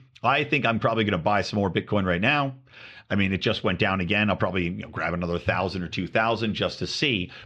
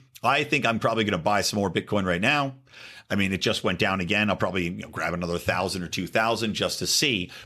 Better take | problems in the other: second | muffled; slightly; fading above 4 kHz

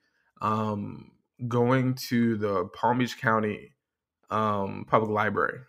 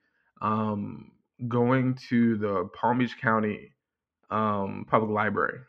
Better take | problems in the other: first | muffled; slightly; fading above 2.5 kHz

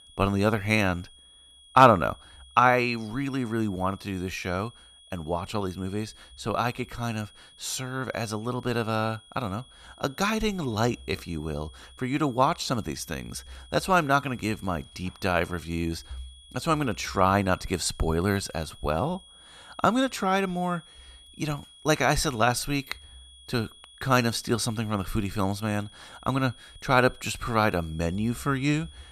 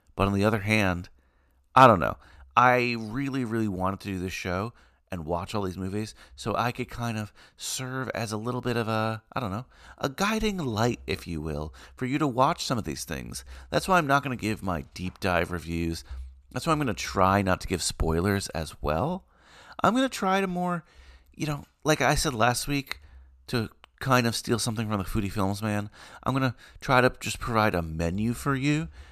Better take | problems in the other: second | high-pitched whine; faint; throughout; 3.5 kHz, 25 dB below the speech

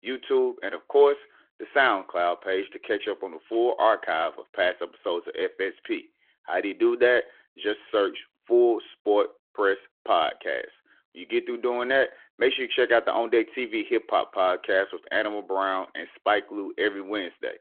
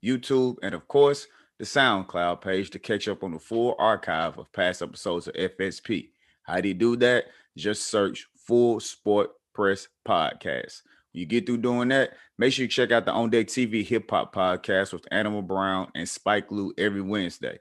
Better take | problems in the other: second | phone-call audio

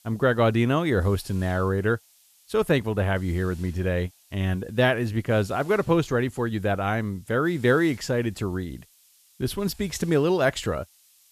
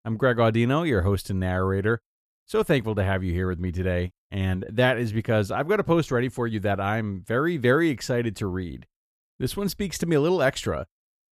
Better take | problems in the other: second | hiss; faint; throughout; 30 dB below the speech

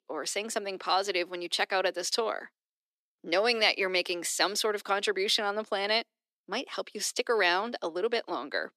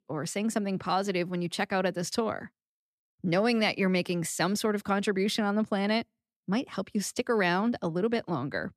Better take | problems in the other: second | thin; very; fading below 350 Hz

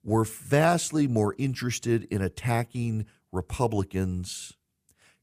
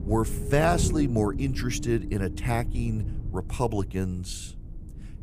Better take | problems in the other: first | low rumble; noticeable; throughout; 10 dB below the speech

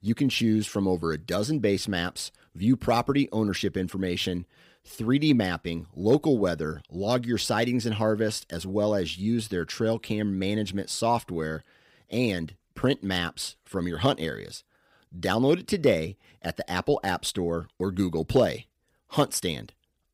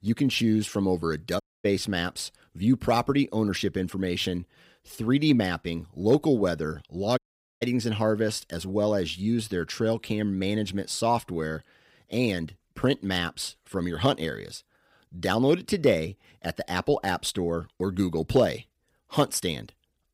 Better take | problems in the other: first | audio cutting out; at 1.5 s and at 7 s

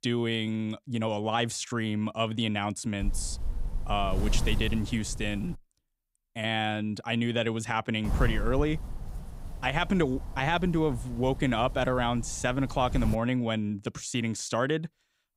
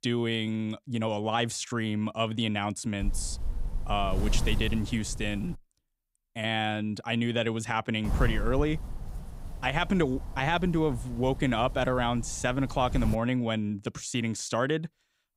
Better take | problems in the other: neither | wind noise on the microphone; occasional gusts; from 3 to 5.5 s and from 8 to 13 s; 15 dB below the speech; the same in both

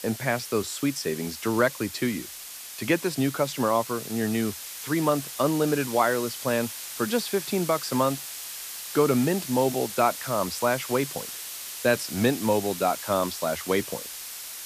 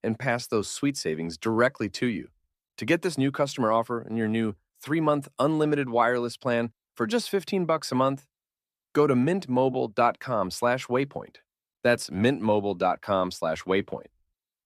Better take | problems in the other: second | hiss; loud; throughout; 9 dB below the speech

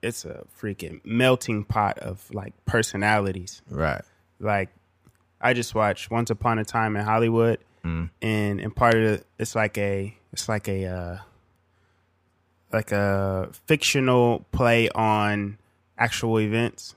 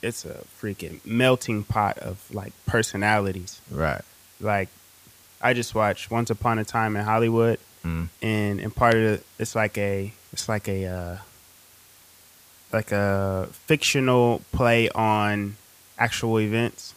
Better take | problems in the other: first | hiss; faint; throughout; 25 dB below the speech

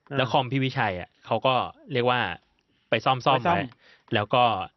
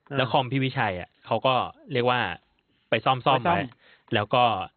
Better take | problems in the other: first | garbled, watery; badly; nothing above 3.5 kHz; slightly in the first

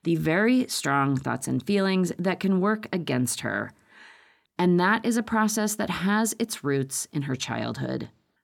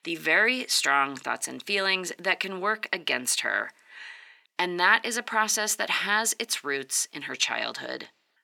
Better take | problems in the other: first | thin; very; fading below 550 Hz

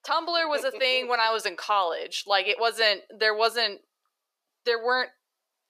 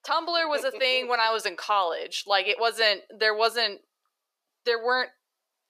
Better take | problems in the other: neither | thin; very; fading below 500 Hz; the same in both

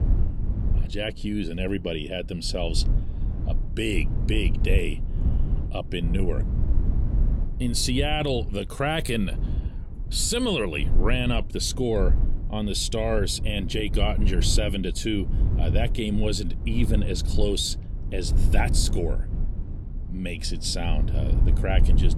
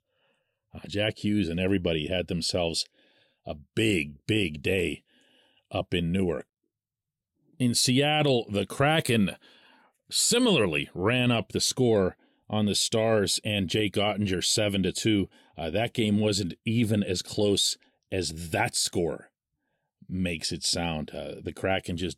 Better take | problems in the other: second | low rumble; noticeable; throughout; 15 dB below the speech

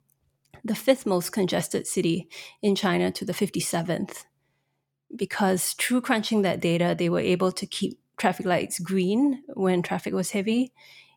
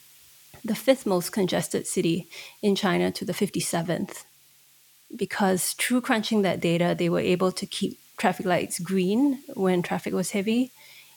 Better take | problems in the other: first | hiss; faint; throughout; 25 dB below the speech

